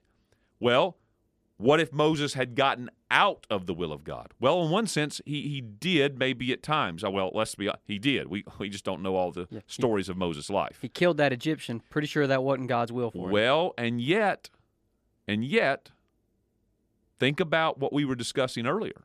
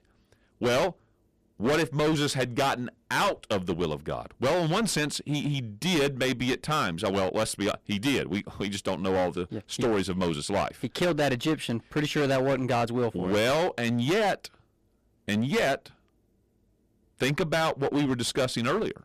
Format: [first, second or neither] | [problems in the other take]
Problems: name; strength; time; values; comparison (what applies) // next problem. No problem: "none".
first | distortion; heavy; 17% of the sound clipped